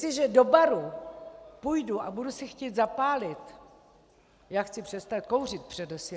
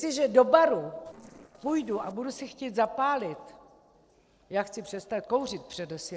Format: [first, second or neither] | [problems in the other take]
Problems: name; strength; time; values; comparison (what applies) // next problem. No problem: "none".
first | noise reduction (neural separator model SepFormer DNS4)